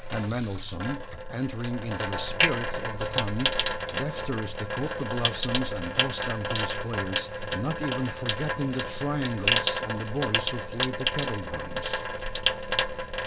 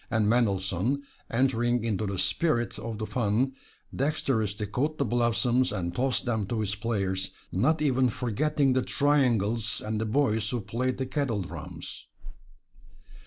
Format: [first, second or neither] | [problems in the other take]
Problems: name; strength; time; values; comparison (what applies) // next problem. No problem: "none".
second | background sound (Sink (filling or washing) / Water tap, faucet); 3 dB above the speech